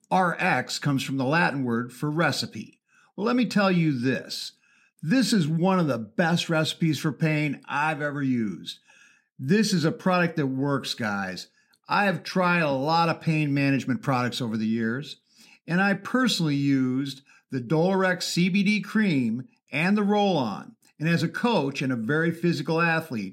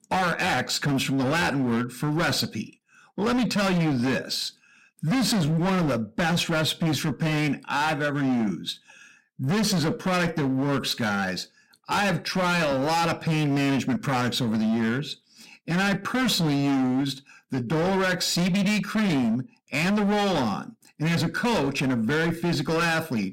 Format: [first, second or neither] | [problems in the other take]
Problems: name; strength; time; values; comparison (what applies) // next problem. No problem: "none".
first | distortion; heavy; 26% of the sound clipped